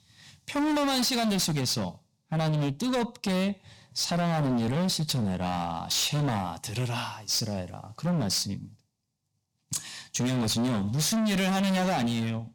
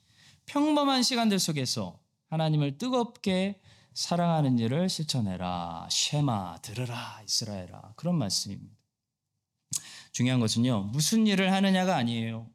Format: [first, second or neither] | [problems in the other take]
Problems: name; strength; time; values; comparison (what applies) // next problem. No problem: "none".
second | distortion; heavy; 25% of the sound clipped